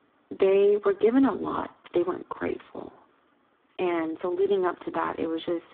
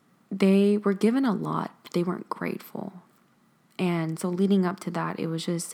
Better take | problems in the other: second | phone-call audio; poor line

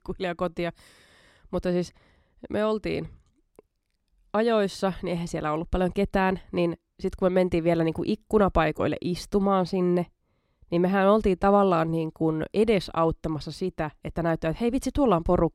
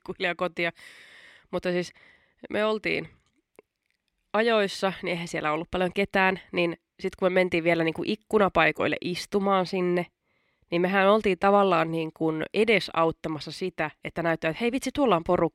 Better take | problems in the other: first | thin; very slightly; fading below 250 Hz

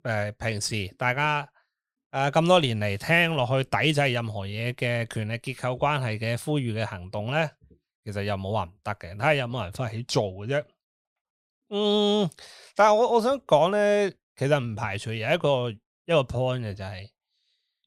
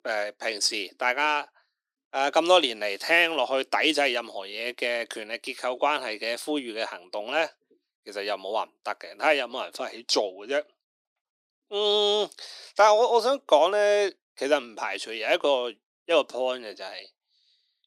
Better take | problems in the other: first | thin; somewhat; fading below 300 Hz

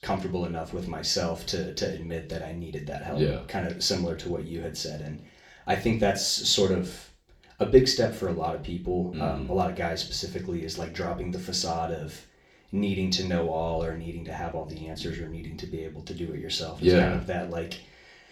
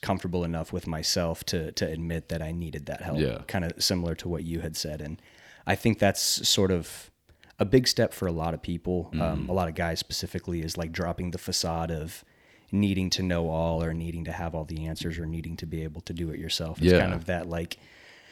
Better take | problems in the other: second | room echo; slight; dies away in 0.3 s // off-mic speech; far

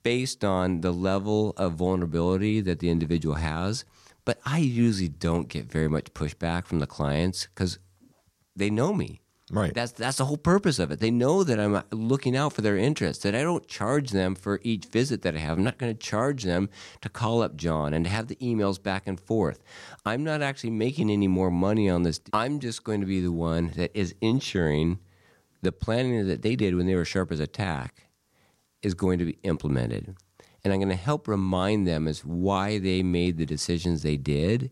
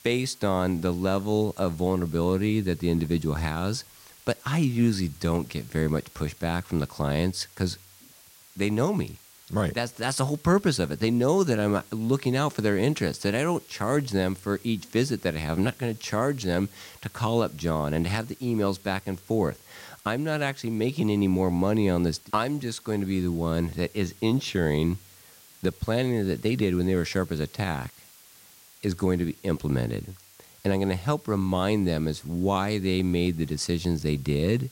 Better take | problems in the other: first | hiss; faint; throughout; 25 dB below the speech

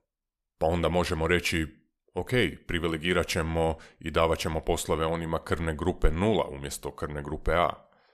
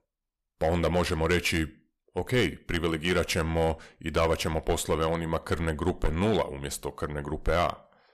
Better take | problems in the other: first | distortion; slight; 3% of the sound clipped

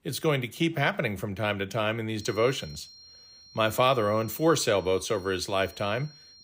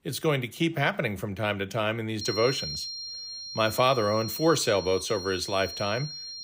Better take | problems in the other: first | high-pitched whine; loud; from 2 s on; 4 kHz, 8 dB below the speech; faint in the first

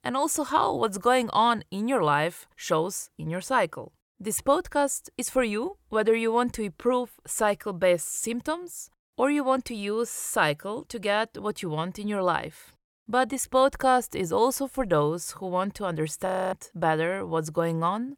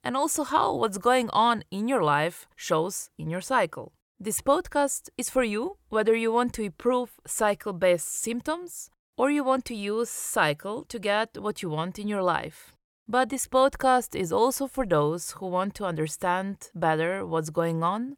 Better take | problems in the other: second | audio freezing; at 16 s

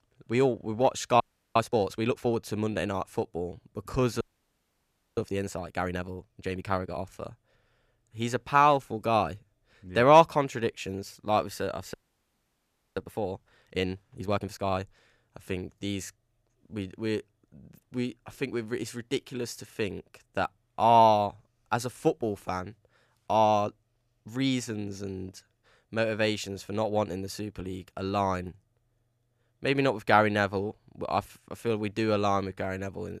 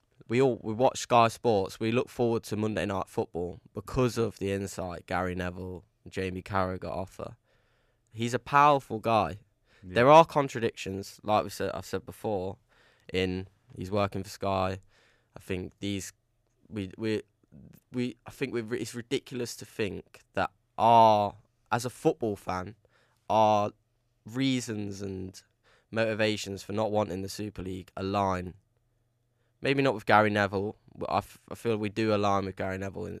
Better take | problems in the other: second | audio freezing; at 1 s, at 4 s for 1 s and at 12 s for 1 s

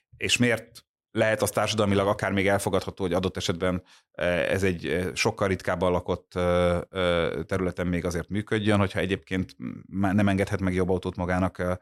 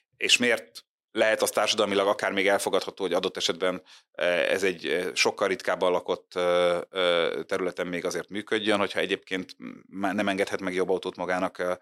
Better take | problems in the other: first | thin; somewhat; fading below 350 Hz

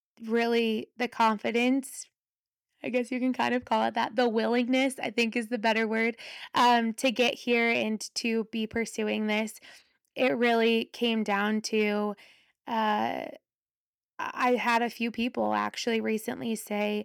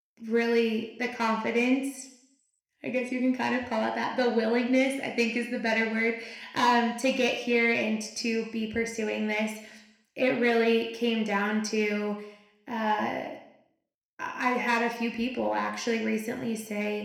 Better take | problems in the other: first | room echo; slight; dies away in 0.7 s

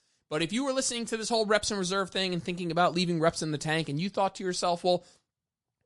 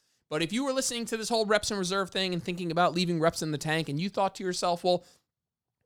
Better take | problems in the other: second | garbled, watery; slightly

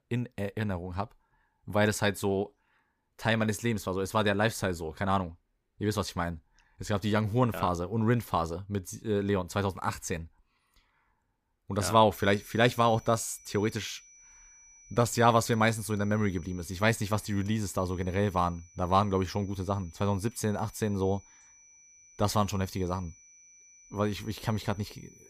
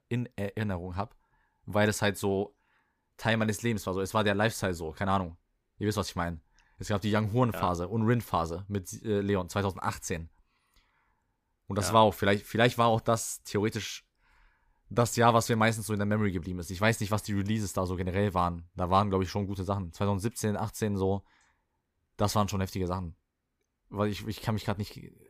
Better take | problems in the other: second | high-pitched whine; faint; from 12 s on; 6 kHz, 25 dB below the speech

